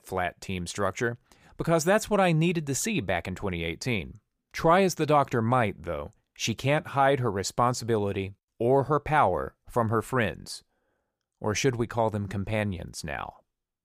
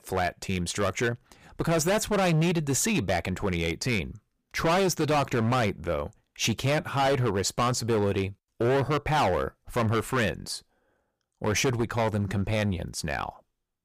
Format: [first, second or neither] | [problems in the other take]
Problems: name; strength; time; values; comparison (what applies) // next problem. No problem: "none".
first | distortion; heavy; 13% of the sound clipped